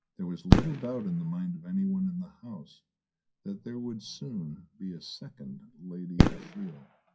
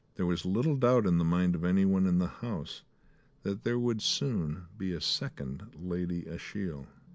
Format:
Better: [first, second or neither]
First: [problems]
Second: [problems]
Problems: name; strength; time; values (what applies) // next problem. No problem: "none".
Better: second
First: noise reduction (classical method WPE with log-MMSE)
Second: none